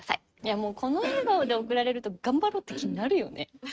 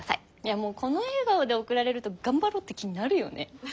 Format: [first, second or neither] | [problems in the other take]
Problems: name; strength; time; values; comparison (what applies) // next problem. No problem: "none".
second | noise reduction (neural mask model RNNoise)